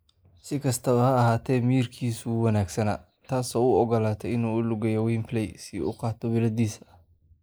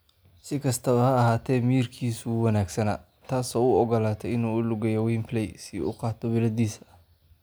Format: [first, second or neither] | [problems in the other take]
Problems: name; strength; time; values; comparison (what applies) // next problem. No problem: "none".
second | noise reduction (neural mask model Resemble Enhance denoiser)